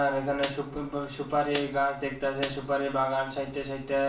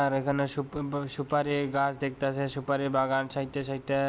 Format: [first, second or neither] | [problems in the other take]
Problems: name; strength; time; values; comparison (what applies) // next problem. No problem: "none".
second | background sound (Snare drum); 13 dB below the speech // room echo; dies away in 0.4 s